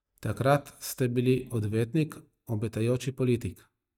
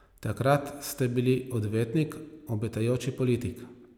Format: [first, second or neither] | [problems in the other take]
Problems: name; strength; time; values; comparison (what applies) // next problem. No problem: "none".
second | noise reduction (neural mask model DeepFilterNet 3)